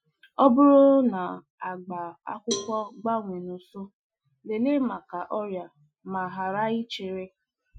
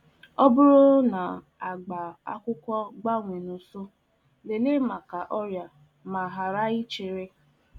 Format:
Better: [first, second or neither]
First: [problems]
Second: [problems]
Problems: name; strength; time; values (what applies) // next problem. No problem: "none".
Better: second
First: noise reduction (classical method Wiener filter)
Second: none